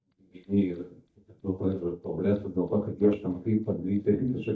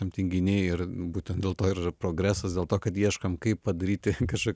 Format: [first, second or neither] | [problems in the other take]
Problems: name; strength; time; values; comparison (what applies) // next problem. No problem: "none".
second | noise reduction (neural mask model DeepFilterNet 3)